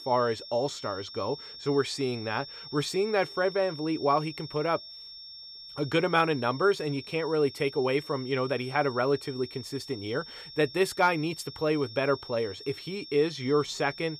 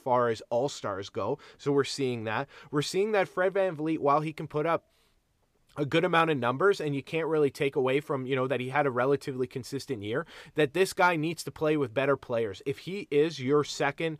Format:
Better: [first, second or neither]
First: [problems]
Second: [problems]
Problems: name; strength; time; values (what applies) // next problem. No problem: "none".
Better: second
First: high-pitched whine; noticeable; throughout; 5.5 kHz, 15 dB below the speech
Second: none